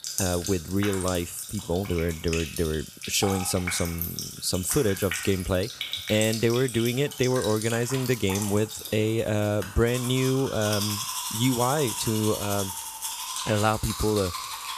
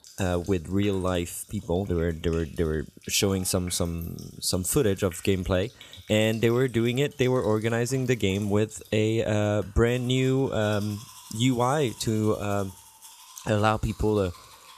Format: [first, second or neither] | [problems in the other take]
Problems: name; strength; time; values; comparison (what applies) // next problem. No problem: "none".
second | household noises; loud; throughout; 6 dB below the speech; faint in the second